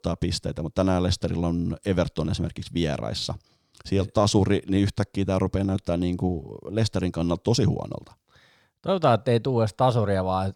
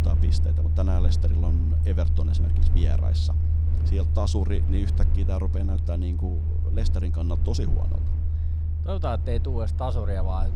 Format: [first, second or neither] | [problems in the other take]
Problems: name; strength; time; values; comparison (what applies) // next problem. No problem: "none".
first | low rumble; loud; throughout; 5 dB below the speech